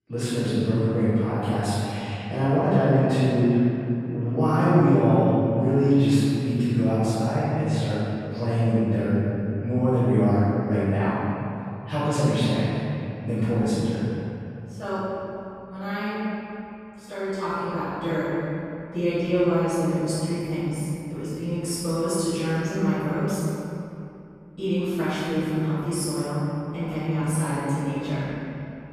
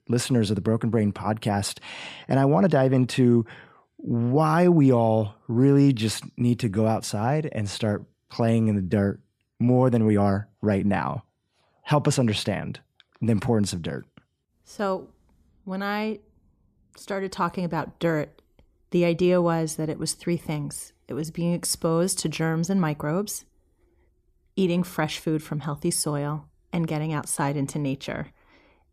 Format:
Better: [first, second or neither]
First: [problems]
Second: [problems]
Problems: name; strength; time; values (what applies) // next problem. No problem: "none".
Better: second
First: off-mic speech; far // room echo; strong; dies away in 2.7 s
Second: none